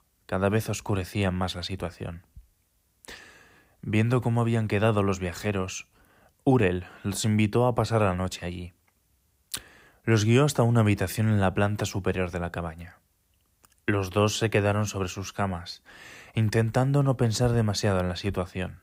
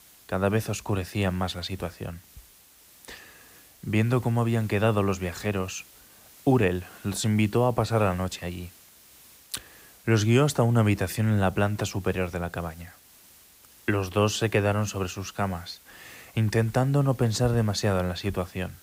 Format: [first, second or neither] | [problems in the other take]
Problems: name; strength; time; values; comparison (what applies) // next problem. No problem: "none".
first | hiss; faint; throughout; 25 dB below the speech